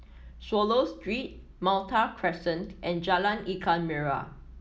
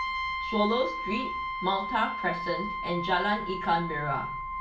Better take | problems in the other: first | background sound (Brass instrument); 3 dB below the speech // room echo; dies away in 0.2 s

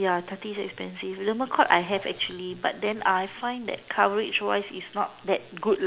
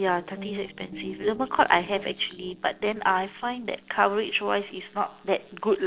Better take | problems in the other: first | noise reduction (neural separator model SepFormer DNS4)

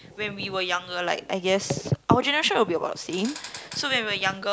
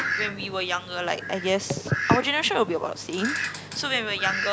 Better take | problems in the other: first | background sound (Fowl); 6 dB below the speech

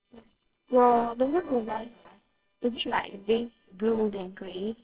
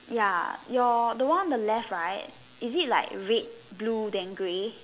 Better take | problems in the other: second | noise reduction (neural separator model SepFormer WHAMR!)

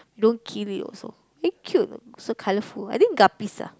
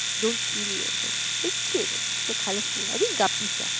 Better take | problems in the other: first | background sound (Domestic sounds, home sounds); 4 dB above the speech

